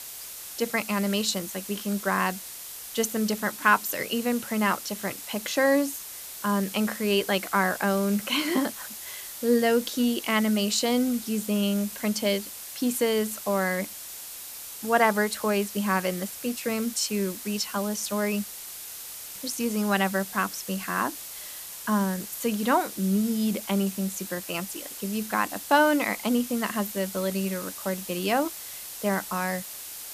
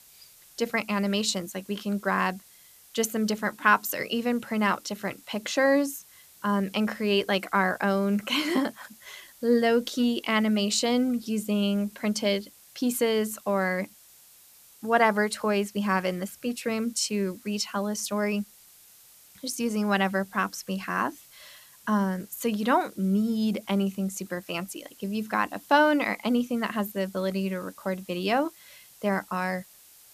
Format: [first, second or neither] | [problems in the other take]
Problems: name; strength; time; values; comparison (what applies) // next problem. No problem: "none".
second | hiss; loud; throughout; 10 dB below the speech; faint in the second